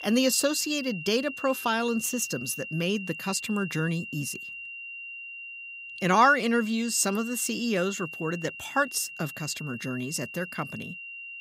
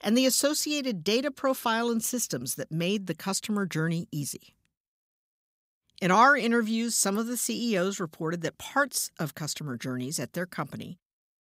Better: second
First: high-pitched whine; noticeable; throughout; 3 kHz, 10 dB below the speech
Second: none

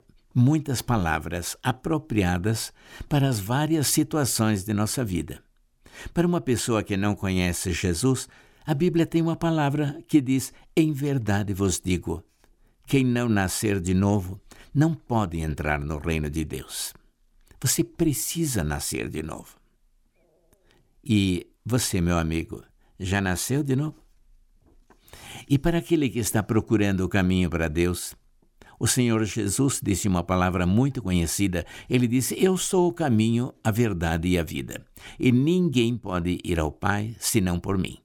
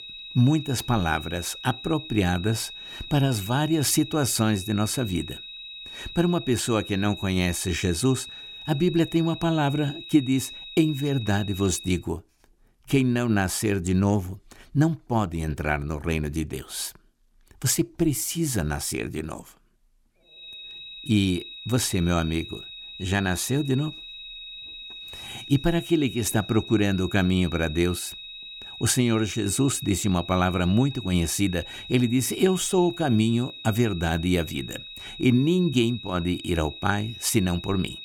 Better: first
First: none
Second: high-pitched whine; noticeable; until 12 s and from 20 s on; 4 kHz, 15 dB below the speech

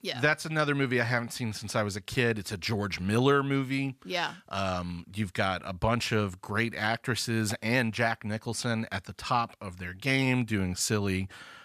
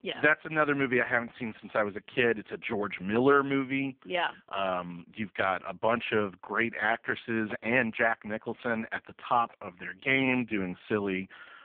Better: first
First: none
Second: phone-call audio; poor line

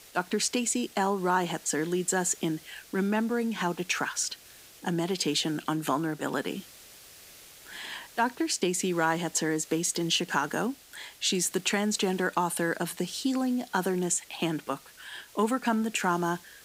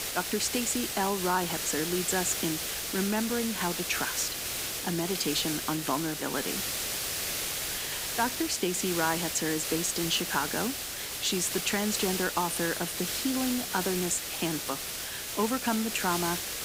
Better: first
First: hiss; faint; throughout; 20 dB below the speech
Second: hiss; loud; throughout; 1 dB below the speech

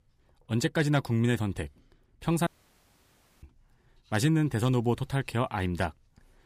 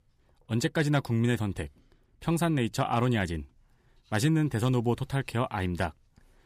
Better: second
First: audio cutting out; at 2.5 s for 1 s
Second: none

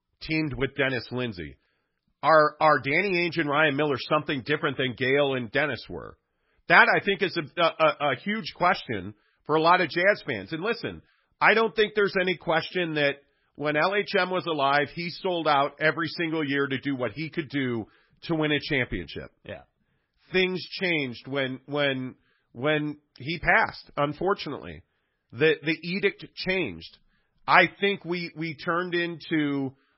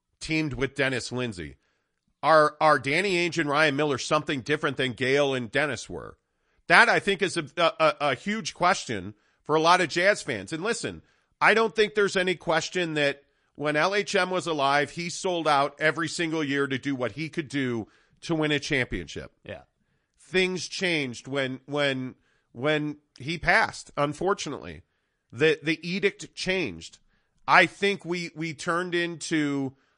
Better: second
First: garbled, watery; badly; nothing above 5.5 kHz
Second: garbled, watery; slightly; nothing above 10 kHz

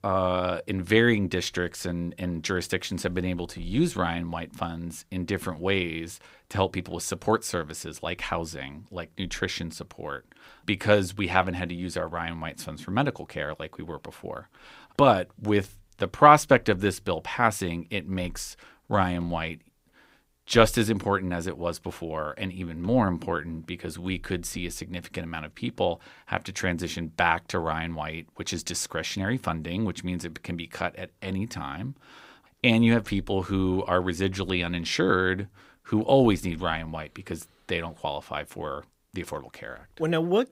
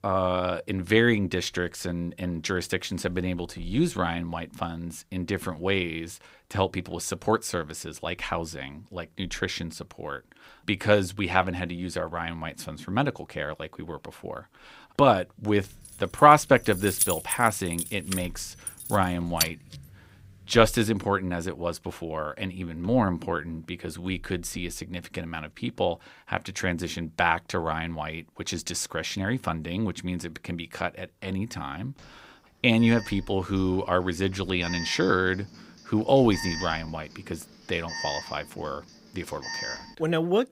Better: first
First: none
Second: jangling keys; loud; from 16 to 19 s; peak 2 dB above the speech // alarm; noticeable; from 32 to 40 s; peak 5 dB below the speech

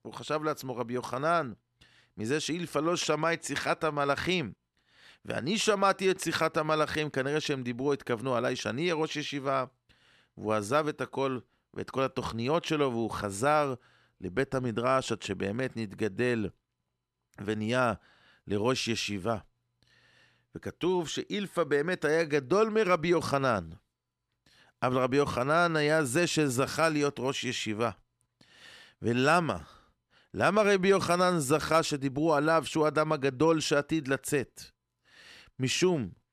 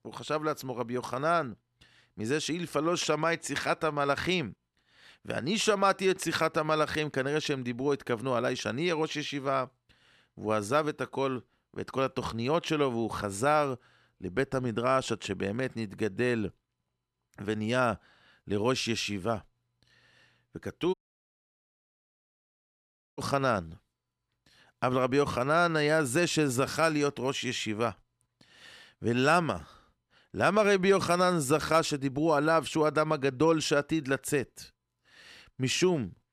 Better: first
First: none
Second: audio cutting out; at 21 s for 2 s

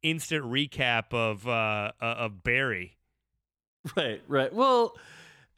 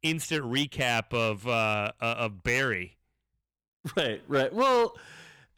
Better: first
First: none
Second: distortion; slight; 4% of the sound clipped

